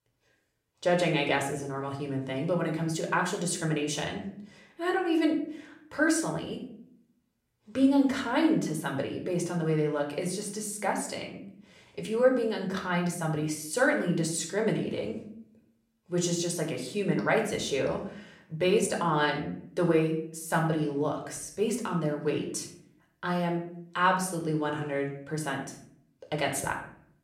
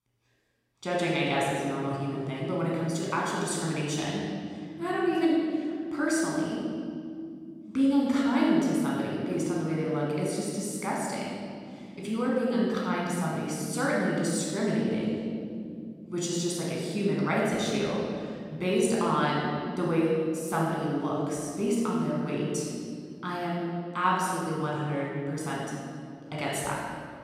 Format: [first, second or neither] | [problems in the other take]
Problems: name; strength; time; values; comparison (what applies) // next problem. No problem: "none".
first | room echo; strong; dies away in 2.6 s; slight in the first // off-mic speech; far; somewhat distant in the first